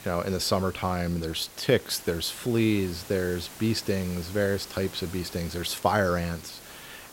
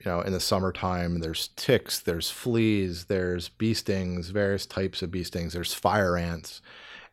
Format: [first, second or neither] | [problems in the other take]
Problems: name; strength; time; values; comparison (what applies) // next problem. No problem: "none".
second | hiss; noticeable; throughout; 15 dB below the speech